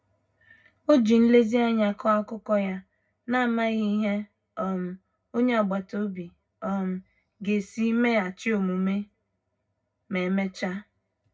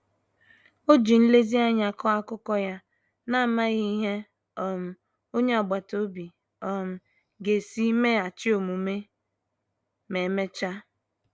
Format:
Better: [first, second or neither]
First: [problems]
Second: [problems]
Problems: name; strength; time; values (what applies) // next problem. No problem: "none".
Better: second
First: room echo; dies away in 0.4 s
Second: none